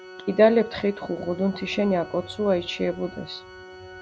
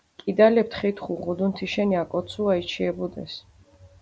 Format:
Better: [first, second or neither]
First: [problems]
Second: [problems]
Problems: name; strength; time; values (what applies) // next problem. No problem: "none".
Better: second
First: background sound (Organ); 18 dB below the speech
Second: none